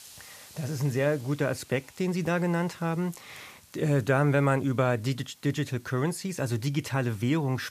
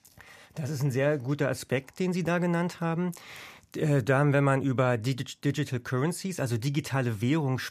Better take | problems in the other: second | hiss; faint; throughout; 25 dB below the speech

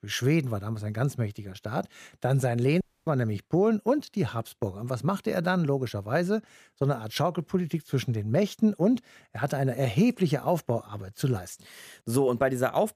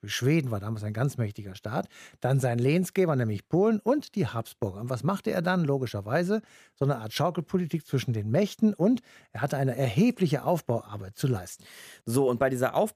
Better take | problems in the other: second | audio cutting out; at 3 s

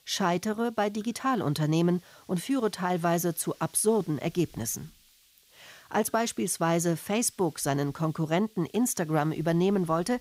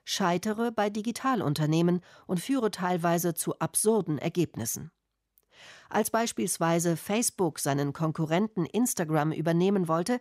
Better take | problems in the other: second | hiss; faint; throughout; 30 dB below the speech

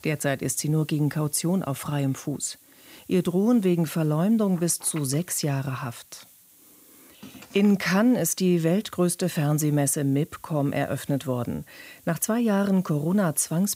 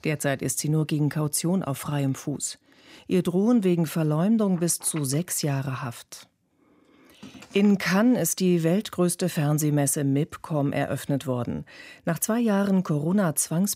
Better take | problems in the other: second | hiss; faint; throughout; 25 dB below the speech

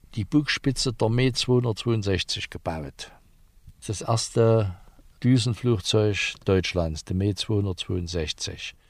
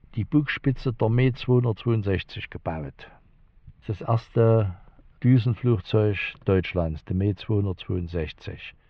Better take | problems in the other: first | muffled; very; fading above 2.5 kHz

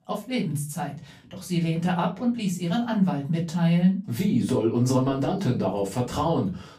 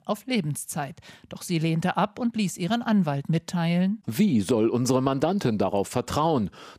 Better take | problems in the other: second | off-mic speech; far // room echo; very slight; dies away in 0.3 s

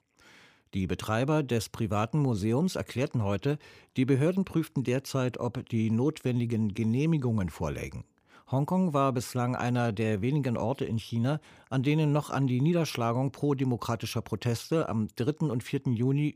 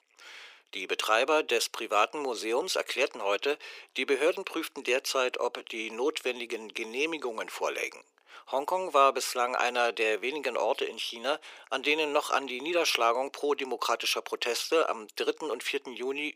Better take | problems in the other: first | thin; very; fading below 400 Hz

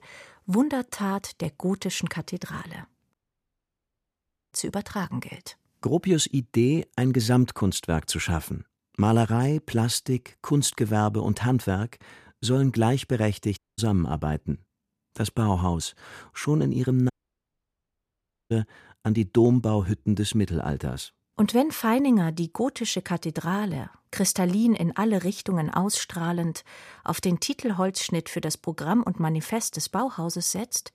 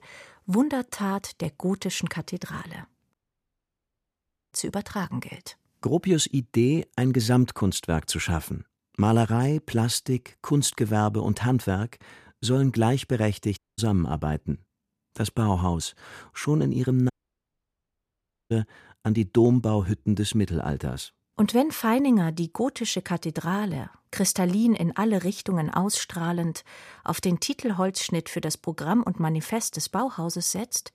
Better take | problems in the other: neither | audio cutting out; at 3 s for 1.5 s, at 14 s and at 17 s for 1.5 s; the same in both

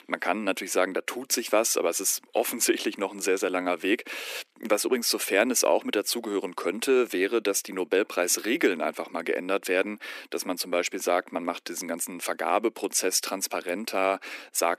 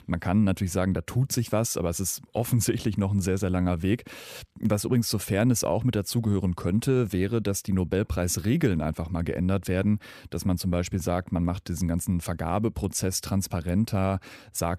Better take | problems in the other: second | thin; very; fading below 300 Hz

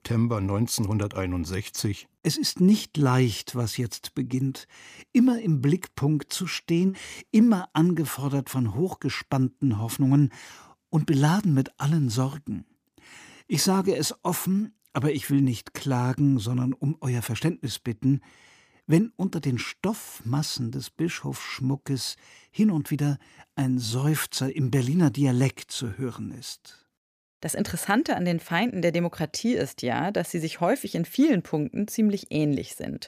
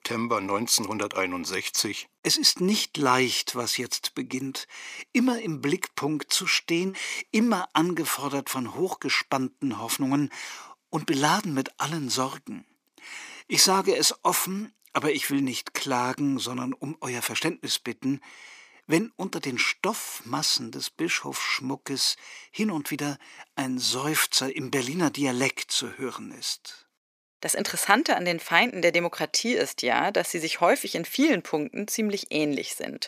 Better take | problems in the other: first | thin; somewhat; fading below 350 Hz

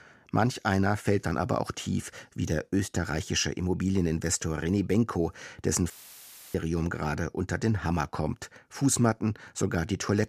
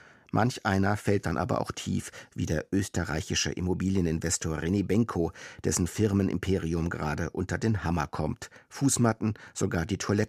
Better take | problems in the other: second | audio cutting out; filled with static; at 6 s for 0.5 s

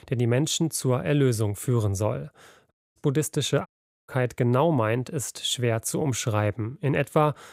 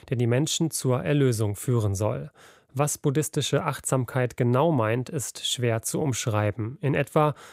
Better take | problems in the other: second | audio cutting out; at 2.5 s and at 3.5 s

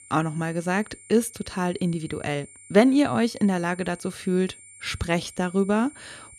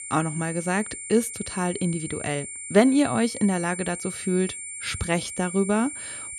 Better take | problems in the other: first | high-pitched whine; loud; throughout; 9 kHz, 8 dB below the speech; faint in the first

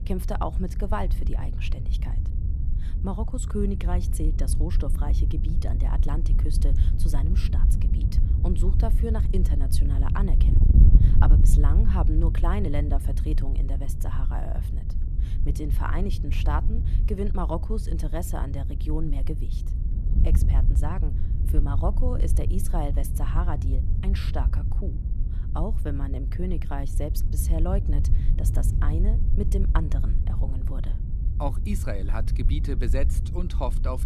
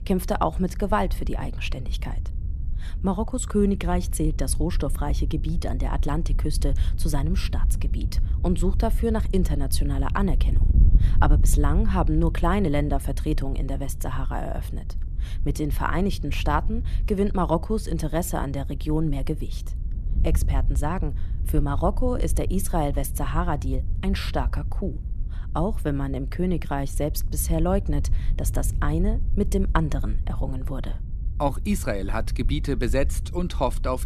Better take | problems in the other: second | wind noise on the microphone; heavy; 7 dB below the speech; occasional gusts in the second

